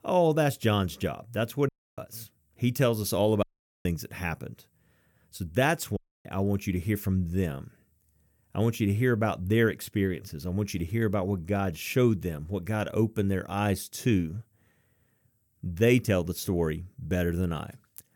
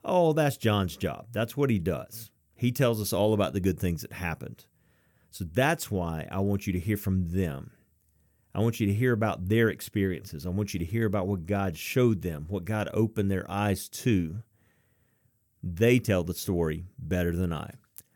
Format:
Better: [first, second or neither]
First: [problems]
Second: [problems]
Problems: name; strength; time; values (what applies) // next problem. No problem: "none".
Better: second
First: audio cutting out; at 1.5 s, at 3.5 s and at 6 s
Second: none